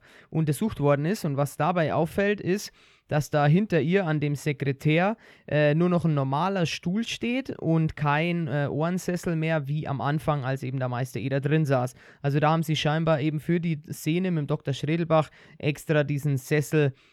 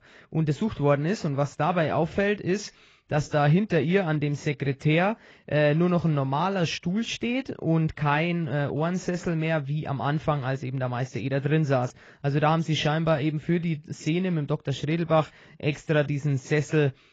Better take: first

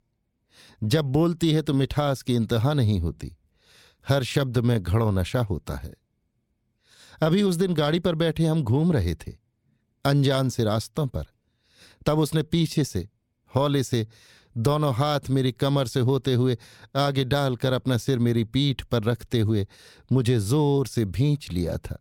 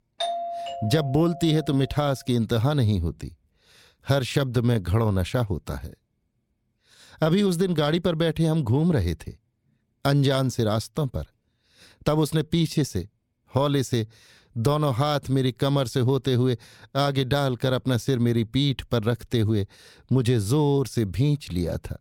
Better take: first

